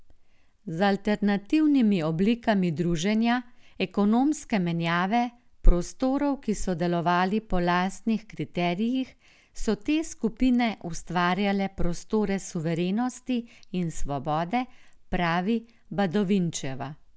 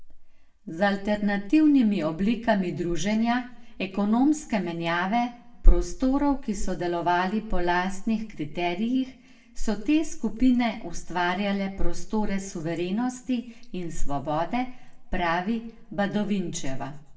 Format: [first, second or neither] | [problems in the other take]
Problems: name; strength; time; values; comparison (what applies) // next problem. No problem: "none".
first | room echo; dies away in 0.5 s